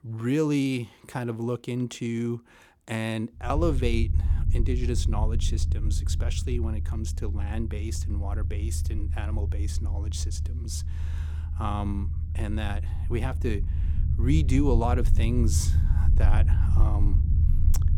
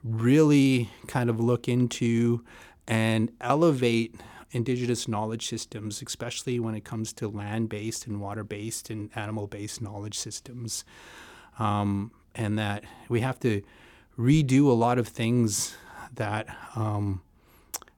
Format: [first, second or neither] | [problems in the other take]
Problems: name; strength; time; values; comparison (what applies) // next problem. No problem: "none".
second | low rumble; noticeable; from 3.5 s on; 10 dB below the speech